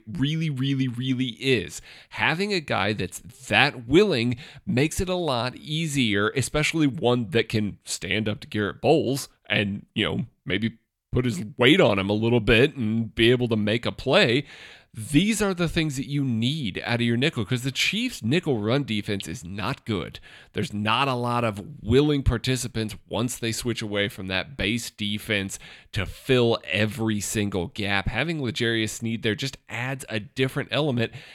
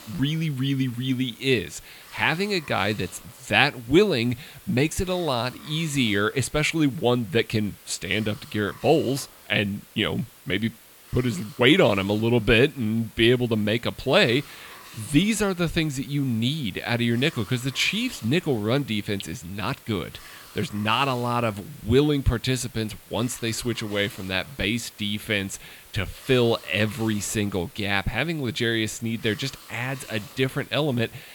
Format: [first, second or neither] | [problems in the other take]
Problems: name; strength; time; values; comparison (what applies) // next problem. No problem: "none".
first | hiss; faint; throughout; 20 dB below the speech